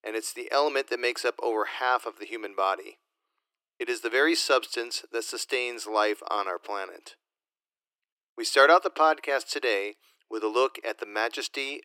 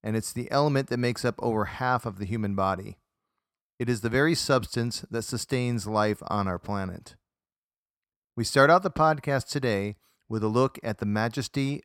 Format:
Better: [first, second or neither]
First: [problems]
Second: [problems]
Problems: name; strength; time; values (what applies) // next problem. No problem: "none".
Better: second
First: thin; very; fading below 300 Hz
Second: none